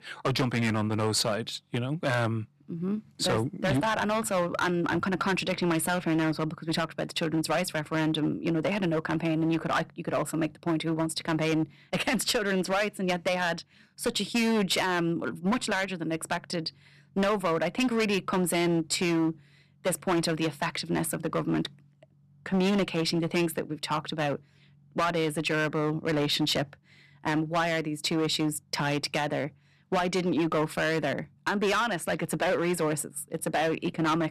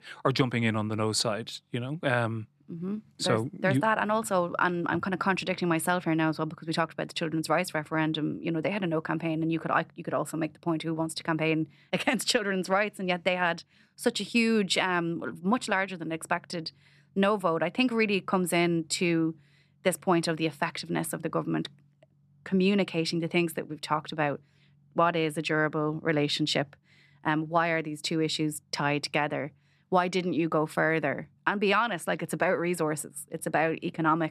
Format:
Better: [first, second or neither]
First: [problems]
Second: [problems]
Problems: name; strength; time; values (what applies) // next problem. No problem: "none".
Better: second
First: distortion; heavy; 11% of the sound clipped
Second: none